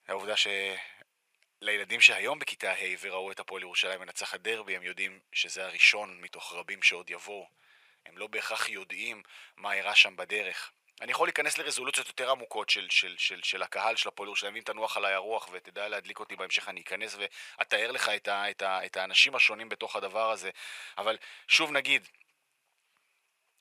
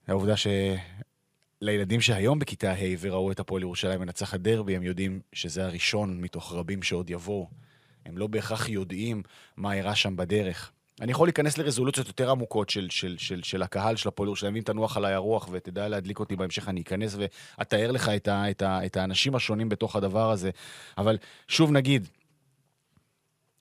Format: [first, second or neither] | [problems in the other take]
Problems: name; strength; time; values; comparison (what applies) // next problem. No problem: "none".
second | thin; very; fading below 850 Hz